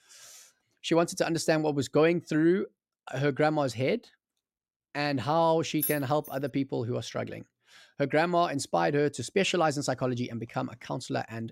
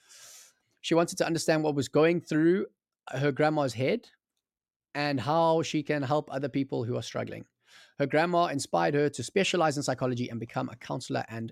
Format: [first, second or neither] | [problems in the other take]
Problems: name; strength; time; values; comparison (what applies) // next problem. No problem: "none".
second | jangling keys; noticeable; at 6 s; peak 4 dB below the speech